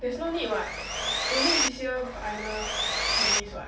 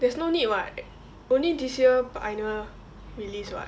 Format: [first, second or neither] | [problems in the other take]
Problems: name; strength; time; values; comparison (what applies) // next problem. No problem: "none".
second | background sound (Sawing); 4 dB above the speech // room echo; dies away in 0.3 s